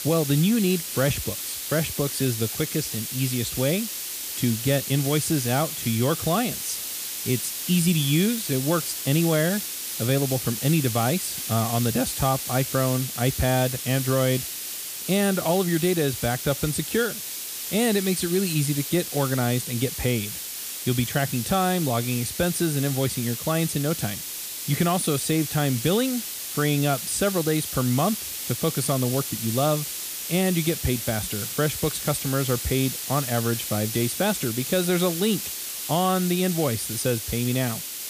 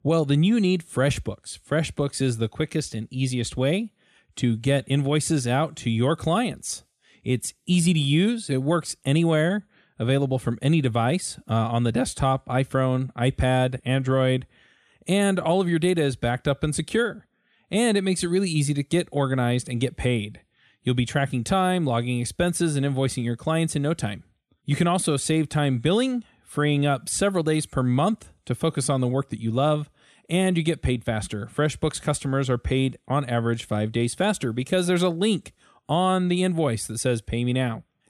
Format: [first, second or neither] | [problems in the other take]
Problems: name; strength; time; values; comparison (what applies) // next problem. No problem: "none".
second | hiss; loud; throughout; 4 dB below the speech